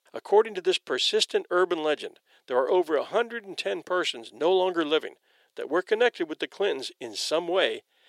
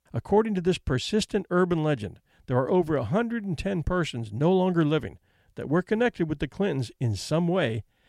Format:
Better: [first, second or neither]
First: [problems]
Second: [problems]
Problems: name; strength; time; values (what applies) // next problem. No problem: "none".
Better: second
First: thin; very; fading below 400 Hz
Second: none